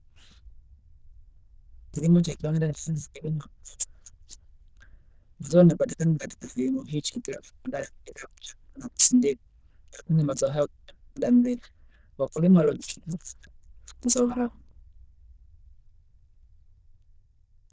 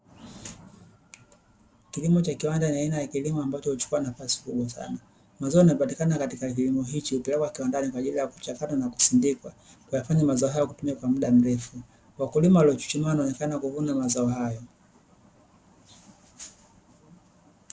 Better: second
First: noise reduction (neural diffusion model UNIVERSE++)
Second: none

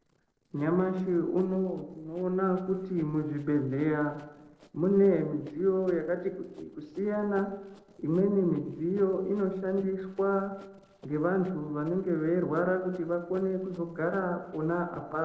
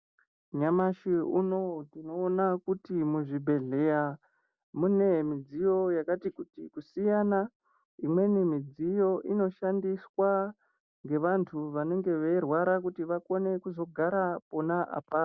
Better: second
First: noise reduction (neural separator model SepFormer DNS4)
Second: none

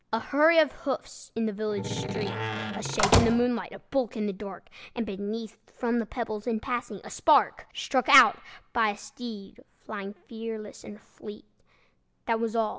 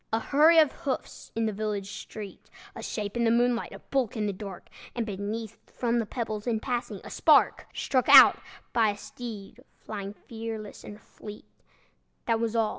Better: second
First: background sound (Slam); 1 dB above the speech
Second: none

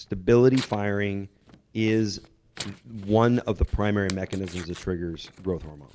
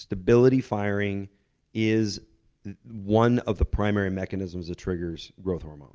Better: second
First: background sound (Tearing); 19 dB below the speech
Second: none

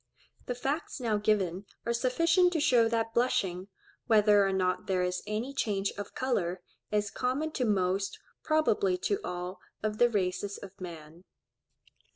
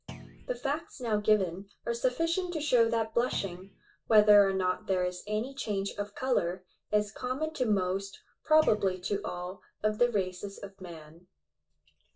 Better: first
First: none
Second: background sound (Thump, thud); 16 dB below the speech // room echo; dies away in 0.1 s

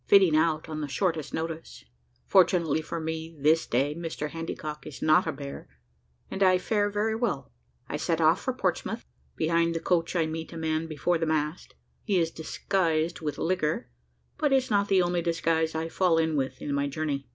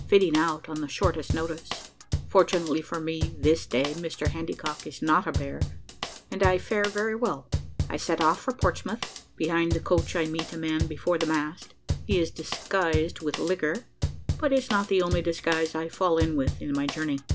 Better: first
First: none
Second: background sound (Drum kit); 6 dB below the speech

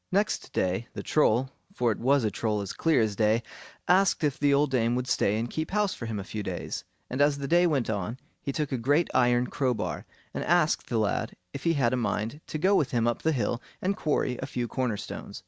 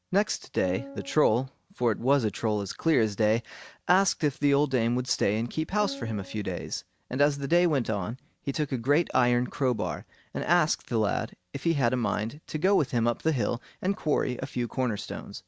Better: first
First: none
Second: background sound (Piano); 13 dB below the speech

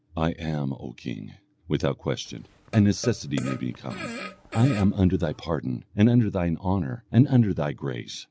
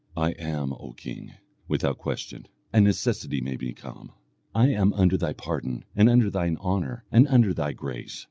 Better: second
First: background sound (Fart); 14 dB below the speech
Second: none

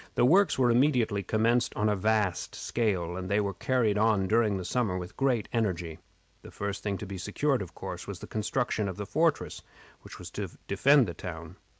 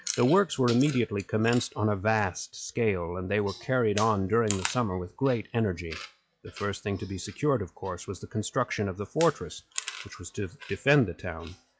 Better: first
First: none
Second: noise reduction (classical method log-MMSE)

